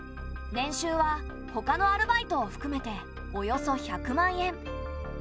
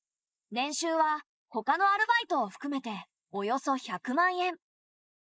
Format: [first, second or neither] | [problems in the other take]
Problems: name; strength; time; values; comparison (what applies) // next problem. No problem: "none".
first | noise reduction (neural mask model Resemble Enhance denoiser)